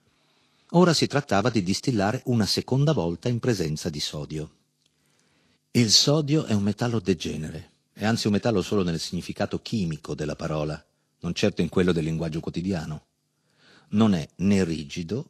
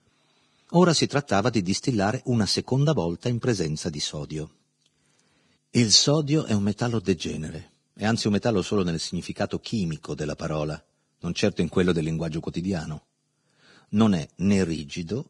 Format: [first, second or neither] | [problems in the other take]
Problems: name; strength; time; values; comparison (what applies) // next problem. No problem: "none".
first | garbled, watery; badly; slightly in the first